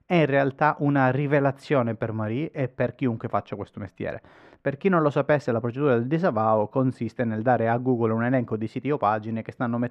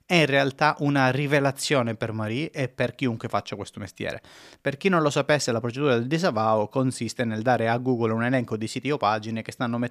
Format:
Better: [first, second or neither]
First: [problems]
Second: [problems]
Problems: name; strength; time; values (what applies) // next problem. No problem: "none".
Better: second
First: muffled; very; fading above 3 kHz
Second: none